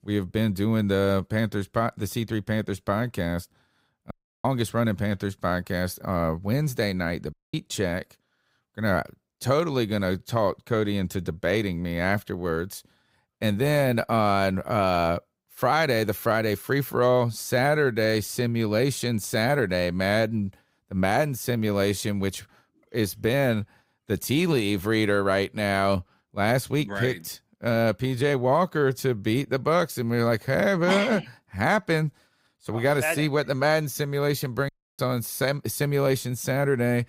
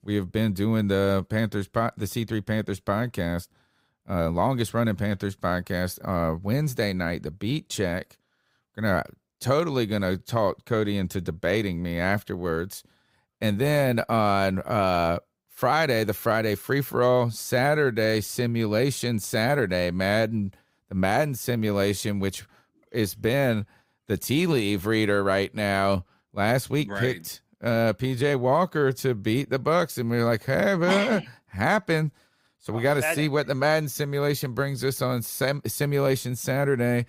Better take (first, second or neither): second